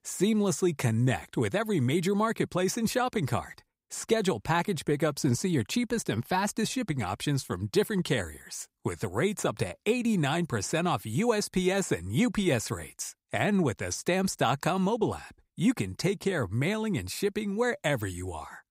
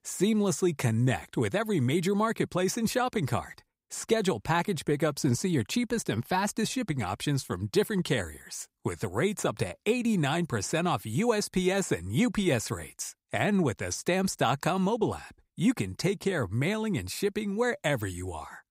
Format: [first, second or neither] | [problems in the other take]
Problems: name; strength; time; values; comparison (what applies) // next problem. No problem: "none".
neither | none